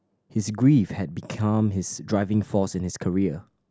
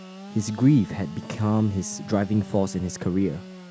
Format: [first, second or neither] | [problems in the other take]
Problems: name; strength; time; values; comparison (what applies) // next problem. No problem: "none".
first | background sound (Sawing / Engine); 15 dB below the speech